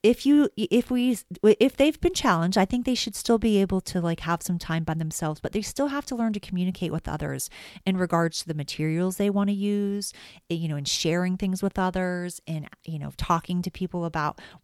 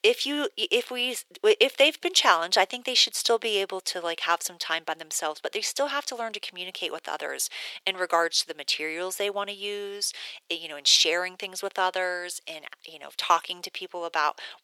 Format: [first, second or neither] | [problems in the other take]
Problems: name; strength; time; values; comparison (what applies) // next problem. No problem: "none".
first | thin; very; fading below 450 Hz